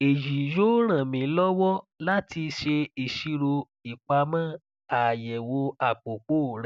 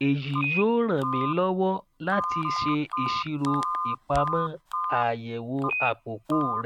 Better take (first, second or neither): first